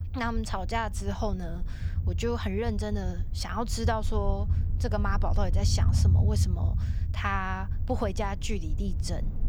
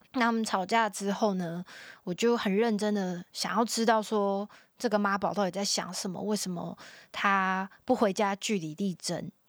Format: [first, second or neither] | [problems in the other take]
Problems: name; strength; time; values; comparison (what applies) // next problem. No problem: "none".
second | low rumble; noticeable; throughout; 15 dB below the speech